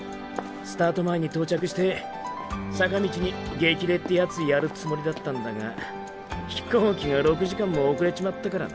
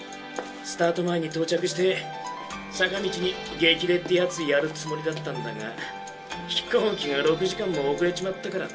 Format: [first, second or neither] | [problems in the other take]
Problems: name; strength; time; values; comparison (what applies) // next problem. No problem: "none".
first | room echo; dies away in 0.2 s